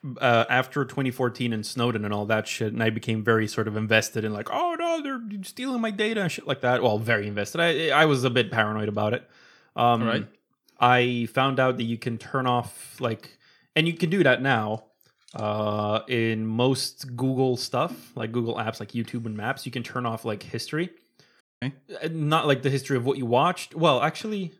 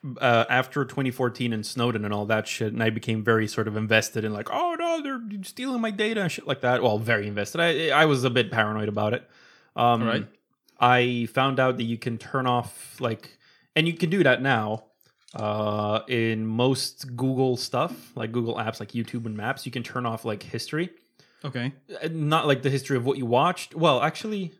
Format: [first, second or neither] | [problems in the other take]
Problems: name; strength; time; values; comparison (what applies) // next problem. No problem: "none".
second | audio cutting out; at 21 s